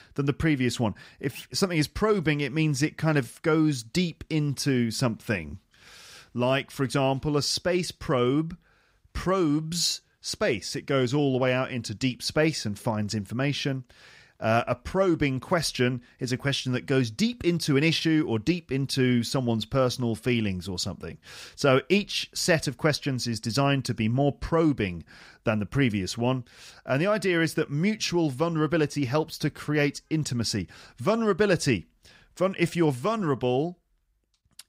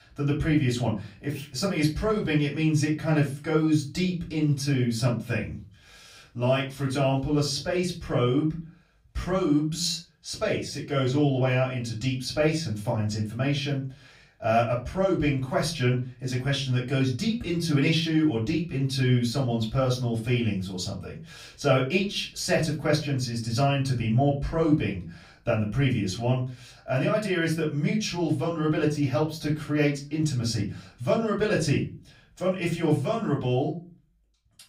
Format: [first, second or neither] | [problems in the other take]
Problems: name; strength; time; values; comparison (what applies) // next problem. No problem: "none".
first | off-mic speech; far // room echo; very slight; dies away in 0.3 s